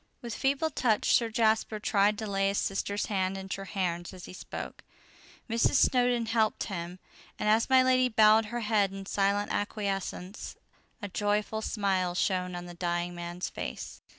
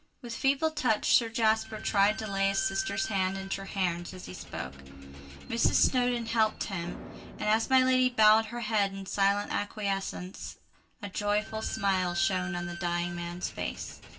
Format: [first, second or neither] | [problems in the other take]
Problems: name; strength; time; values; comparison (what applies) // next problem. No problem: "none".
first | background sound (Squeak / Slam); 14 dB below the speech // room echo; dies away in 0.2 s